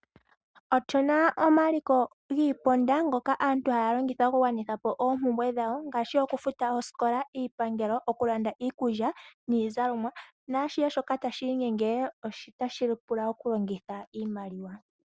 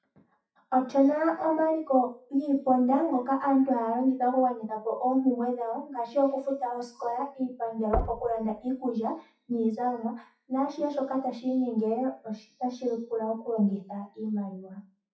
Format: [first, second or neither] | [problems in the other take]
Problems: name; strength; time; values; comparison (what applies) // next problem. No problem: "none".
first | noise reduction (classical method WPE with log-MMSE)